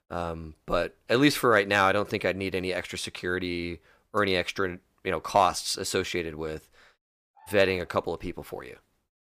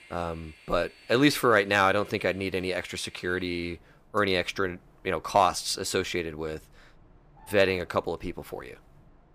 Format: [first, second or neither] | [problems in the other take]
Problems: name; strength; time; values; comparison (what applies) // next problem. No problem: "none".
first | train or aircraft noise; faint; throughout; 30 dB below the speech